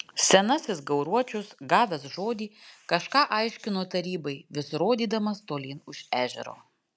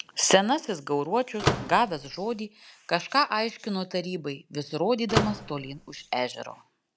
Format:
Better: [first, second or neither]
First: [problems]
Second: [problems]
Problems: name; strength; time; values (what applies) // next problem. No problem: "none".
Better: first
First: none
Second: background sound (Slam / Microwave oven); 3 dB below the speech